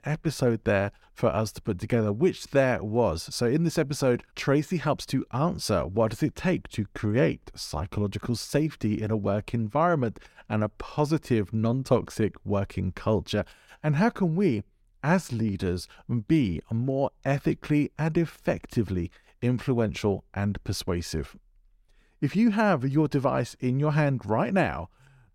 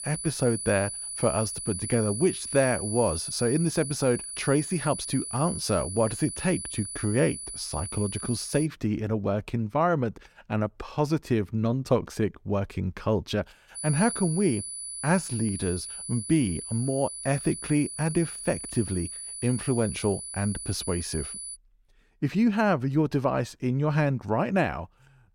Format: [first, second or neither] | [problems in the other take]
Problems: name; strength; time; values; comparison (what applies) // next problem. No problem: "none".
first | high-pitched whine; loud; until 8.5 s and from 14 to 22 s; 10 kHz, 6 dB below the speech